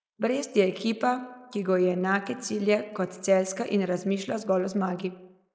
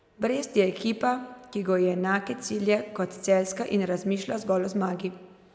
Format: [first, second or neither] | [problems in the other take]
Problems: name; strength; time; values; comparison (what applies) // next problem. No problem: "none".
second | noise reduction (neural mask model Resemble Enhance denoiser)